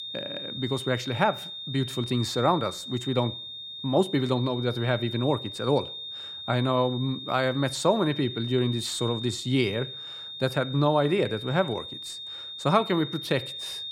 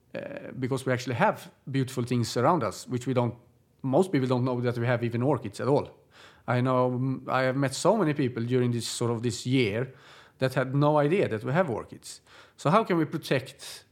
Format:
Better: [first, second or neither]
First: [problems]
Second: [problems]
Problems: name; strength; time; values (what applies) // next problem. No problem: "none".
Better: second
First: high-pitched whine; loud; throughout; 3.5 kHz, 9 dB below the speech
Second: none